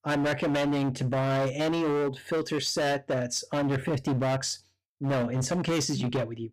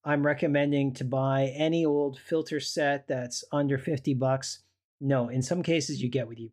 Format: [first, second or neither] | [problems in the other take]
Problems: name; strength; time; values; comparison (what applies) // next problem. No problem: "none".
second | distortion; heavy; 26% of the sound clipped